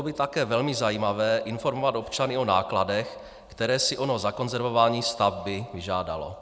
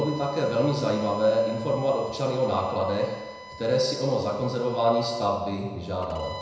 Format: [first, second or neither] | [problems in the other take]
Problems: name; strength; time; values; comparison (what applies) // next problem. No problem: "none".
first | background sound (Bowed string instrument); 18 dB below the speech // room echo; dies away in 0.9 s